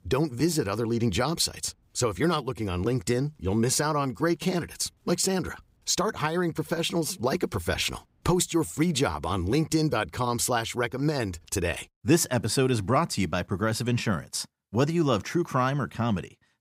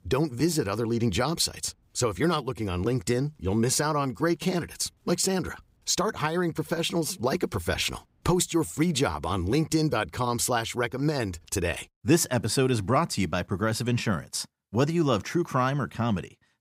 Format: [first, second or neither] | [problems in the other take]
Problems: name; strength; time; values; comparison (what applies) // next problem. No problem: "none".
neither | none